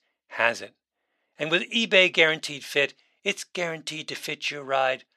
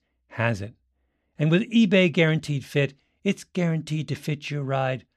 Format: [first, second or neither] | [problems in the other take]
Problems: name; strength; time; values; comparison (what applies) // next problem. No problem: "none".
second | thin; very; fading below 550 Hz